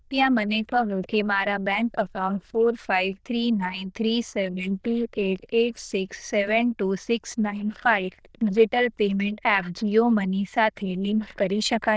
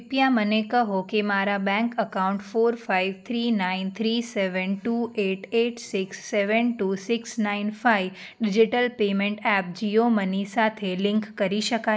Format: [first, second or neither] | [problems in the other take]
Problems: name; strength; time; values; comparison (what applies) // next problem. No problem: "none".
second | noise reduction (neural diffusion model UNIVERSE++)